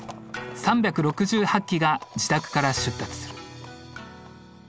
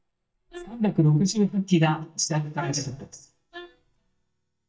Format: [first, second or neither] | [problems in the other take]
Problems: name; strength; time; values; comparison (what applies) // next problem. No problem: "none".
first | noise reduction (neural mask model DeepFilterNet 3)